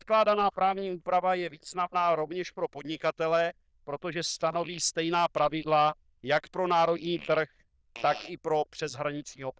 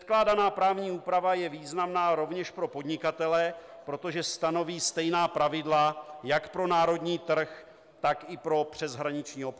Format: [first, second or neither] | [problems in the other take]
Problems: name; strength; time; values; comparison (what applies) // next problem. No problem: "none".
second | noise reduction (neural diffusion model UNIVERSE++)